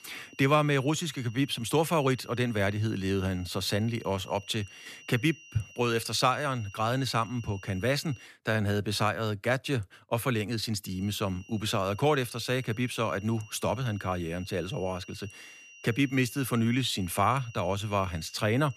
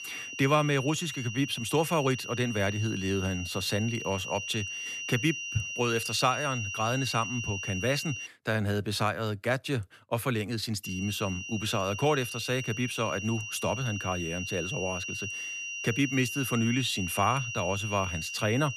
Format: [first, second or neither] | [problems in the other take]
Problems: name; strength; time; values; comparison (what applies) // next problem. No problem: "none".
first | high-pitched whine; loud; until 8.5 s and from 11 s on; 3 kHz, 5 dB below the speech; faint in the first